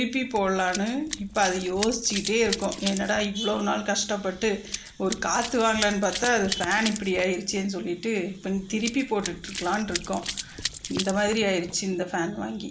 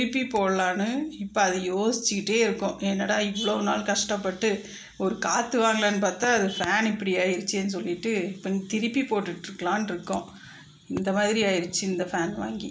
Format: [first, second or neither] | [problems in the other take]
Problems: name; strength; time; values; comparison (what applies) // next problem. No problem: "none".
second | background sound (Run); 11 dB below the speech